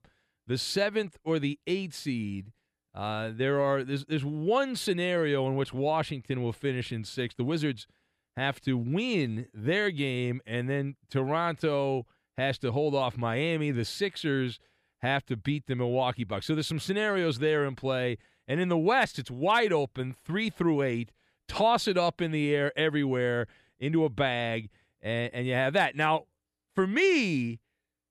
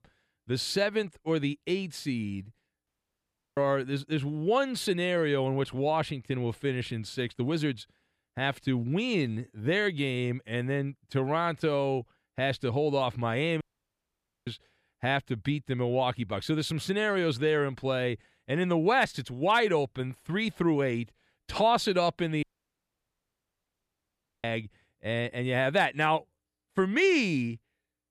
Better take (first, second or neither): first